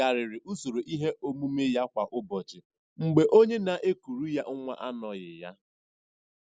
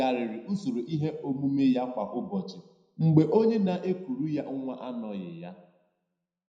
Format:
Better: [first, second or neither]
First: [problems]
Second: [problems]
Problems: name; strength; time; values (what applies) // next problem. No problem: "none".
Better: first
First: none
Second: room echo; dies away in 0.7 s